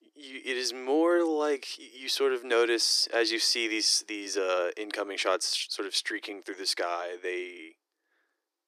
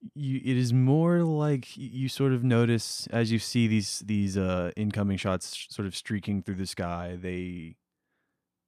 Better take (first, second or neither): second